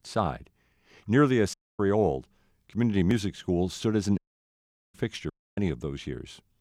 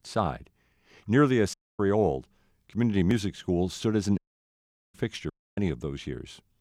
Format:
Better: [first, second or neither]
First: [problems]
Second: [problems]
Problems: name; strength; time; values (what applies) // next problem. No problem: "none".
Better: neither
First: audio cutting out; at 1.5 s, at 4 s for 1 s and at 5.5 s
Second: audio cutting out; at 1.5 s, at 4 s for 1 s and at 5.5 s